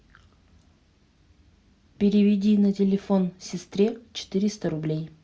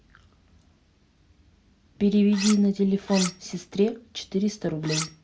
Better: first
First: none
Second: background sound (Cutlery, silverware); 7 dB below the speech

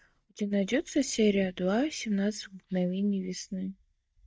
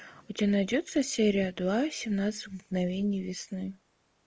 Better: second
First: noise reduction (neural mask model DeepFilterNet 3)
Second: none

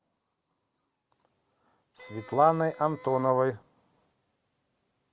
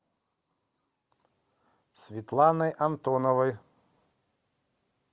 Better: second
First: background sound (Wind instrument, woodwind instrument); 19 dB below the speech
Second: none

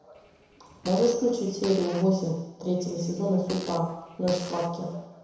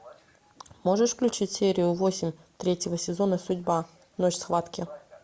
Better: second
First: background sound (Fart); 16 dB below the speech // room echo; dies away in 1 s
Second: none

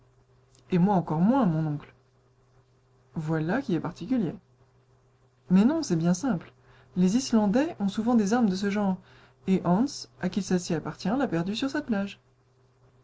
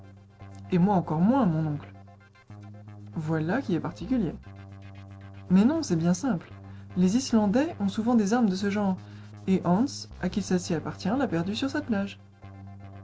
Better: first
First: none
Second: background sound (Keyboard (musical)); 17 dB below the speech

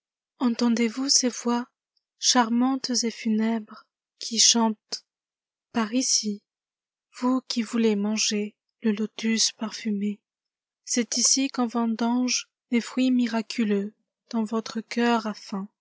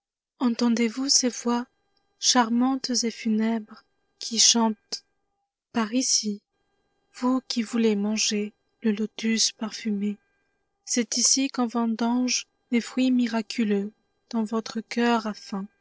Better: first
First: none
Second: noise reduction (neural separator model SepFormer DNS4)

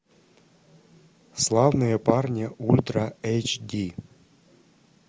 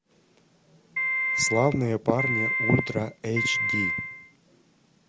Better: first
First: none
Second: background sound (Piano); 1 dB above the speech

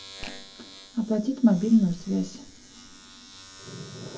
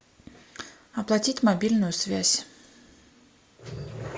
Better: second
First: background sound (Domestic sounds, home sounds); 18 dB below the speech // room echo; dies away in 0.4 s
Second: none

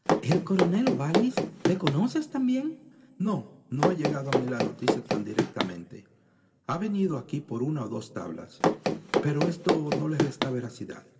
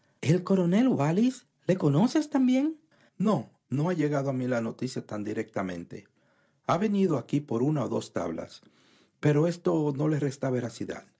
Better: second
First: background sound (Run); 2 dB above the speech // room echo; dies away in 2.9 s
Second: none

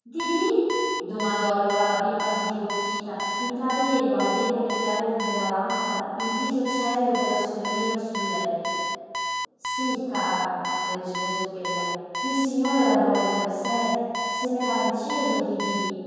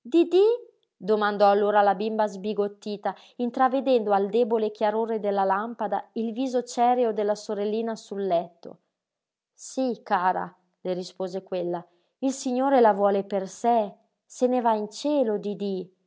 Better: second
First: background sound (Alarm); 4 dB below the speech // room echo; dies away in 2.1 s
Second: none

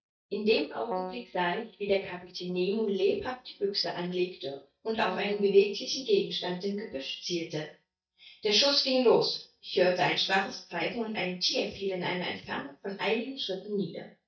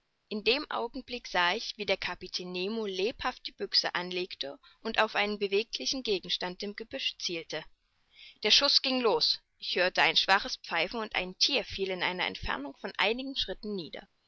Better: second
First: noise reduction (neural mask model DeepFilterNet 3)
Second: none

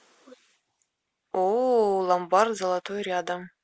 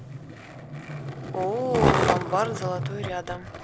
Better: first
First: none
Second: background sound (Skateboard); 2 dB above the speech

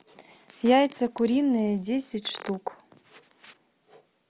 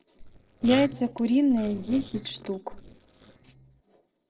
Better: first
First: none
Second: noise reduction (neural separator model SepFormer DNS4)

